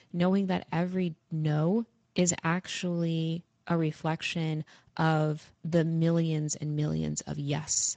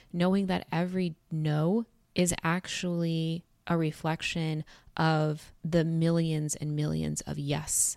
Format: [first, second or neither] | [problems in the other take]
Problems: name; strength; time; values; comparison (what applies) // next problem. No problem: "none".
second | garbled, watery; slightly